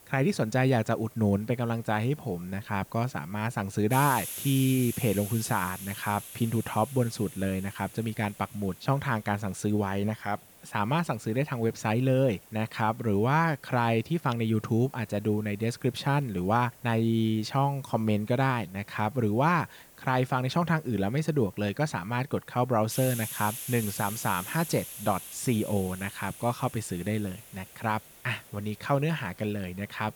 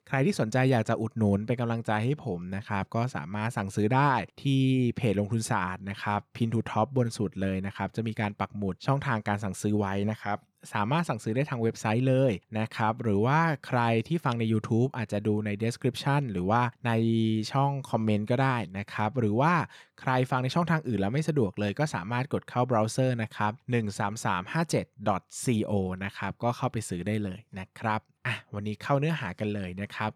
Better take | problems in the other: second | hiss; noticeable; throughout; 15 dB below the speech

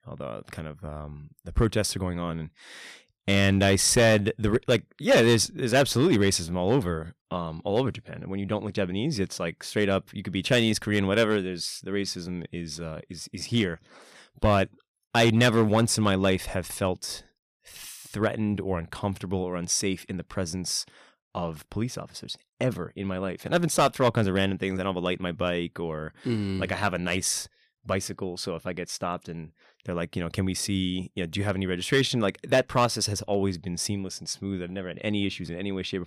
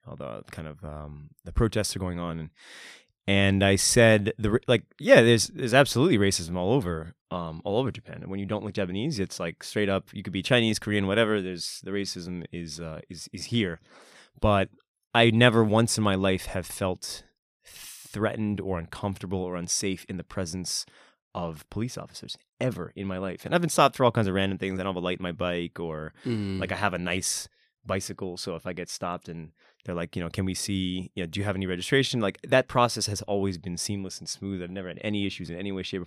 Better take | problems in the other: second | distortion; slight; 1.8% of the sound clipped

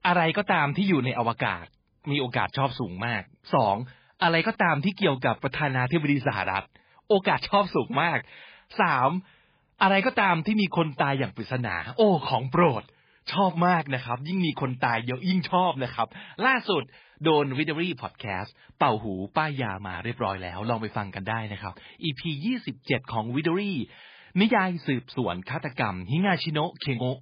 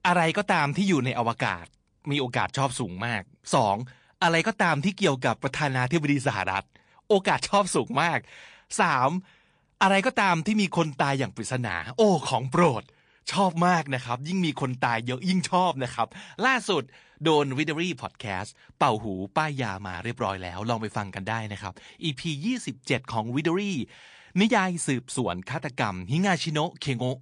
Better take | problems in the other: second | garbled, watery; badly; slightly in the second

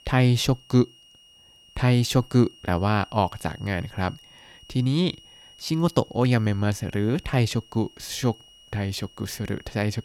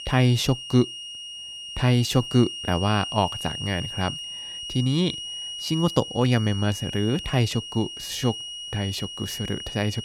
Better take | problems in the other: first | high-pitched whine; loud; throughout; 3 kHz, 8 dB below the speech; faint in the first

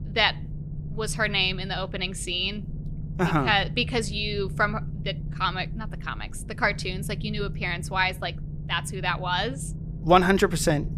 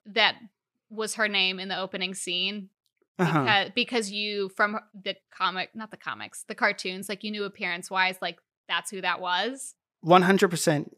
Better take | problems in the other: second | low rumble; faint; throughout; 20 dB below the speech

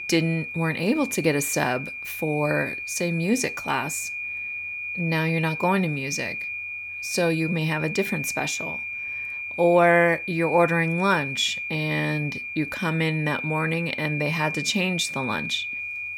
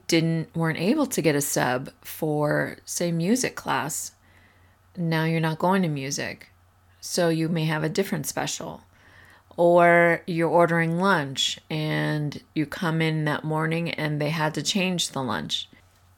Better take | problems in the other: second | high-pitched whine; loud; throughout; 2.5 kHz, 5 dB below the speech

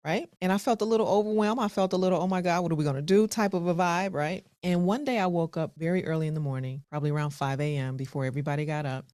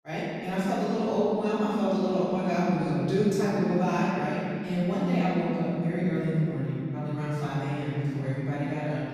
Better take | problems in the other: first | room echo; strong; dies away in 3 s // off-mic speech; far

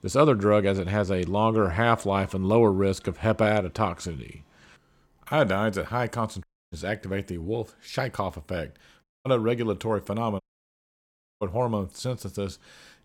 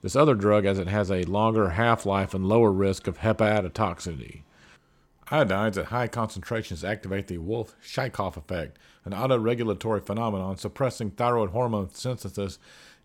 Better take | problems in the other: second | audio cutting out; at 6.5 s, at 9 s and at 10 s for 1 s

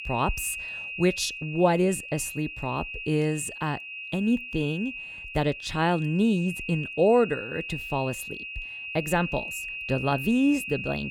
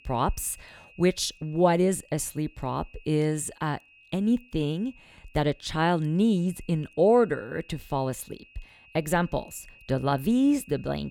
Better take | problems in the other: second | high-pitched whine; loud; throughout; 2.5 kHz, 8 dB below the speech; faint in the second

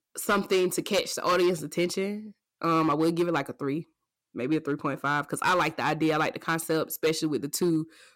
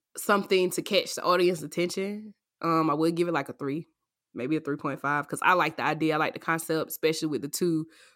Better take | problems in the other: second | distortion; slight; 5% of the sound clipped

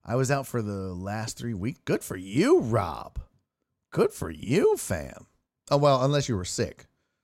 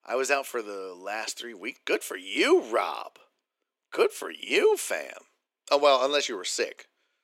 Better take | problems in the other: first | thin; very; fading below 350 Hz

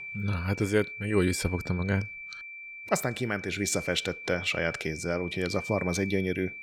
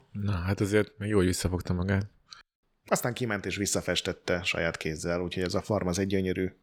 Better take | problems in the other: second | high-pitched whine; loud; throughout; 2.5 kHz, 9 dB below the speech

